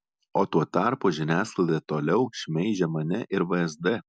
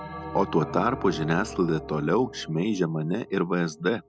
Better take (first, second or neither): first